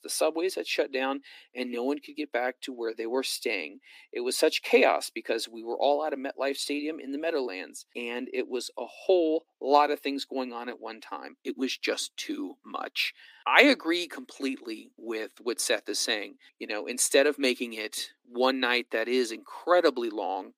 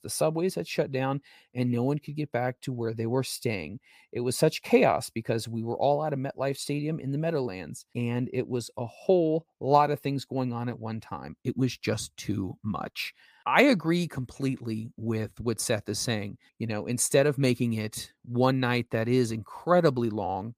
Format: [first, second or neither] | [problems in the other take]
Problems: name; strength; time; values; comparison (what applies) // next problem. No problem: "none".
second | thin; very slightly; fading below 250 Hz